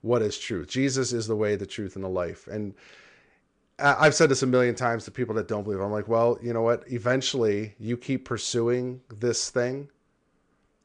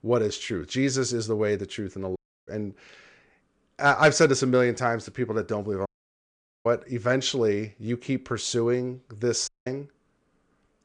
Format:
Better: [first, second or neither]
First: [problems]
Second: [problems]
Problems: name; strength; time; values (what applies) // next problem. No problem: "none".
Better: first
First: none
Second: audio cutting out; at 2 s, at 6 s for 1 s and at 9.5 s